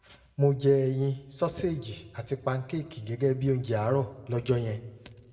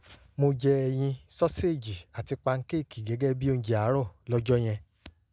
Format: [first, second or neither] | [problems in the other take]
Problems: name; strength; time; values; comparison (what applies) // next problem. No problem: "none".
second | room echo; dies away in 1.1 s